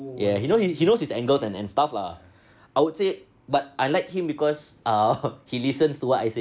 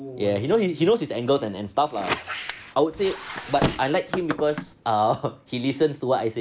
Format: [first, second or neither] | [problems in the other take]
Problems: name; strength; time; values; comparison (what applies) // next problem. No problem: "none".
first | background sound (Squeak); 7 dB below the speech